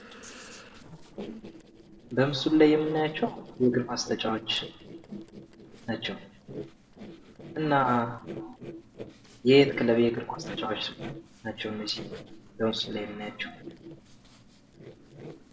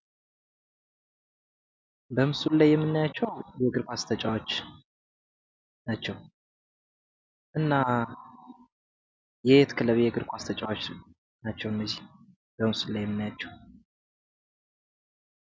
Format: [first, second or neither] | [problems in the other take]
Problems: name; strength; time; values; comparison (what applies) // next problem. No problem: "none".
second | noise reduction (neural separator model SepFormer DNS4)